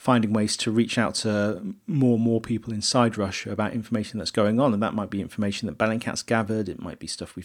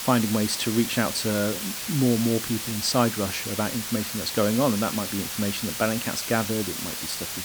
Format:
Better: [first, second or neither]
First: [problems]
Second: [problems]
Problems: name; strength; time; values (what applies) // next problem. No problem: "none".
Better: first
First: none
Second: hiss; loud; throughout; 4 dB below the speech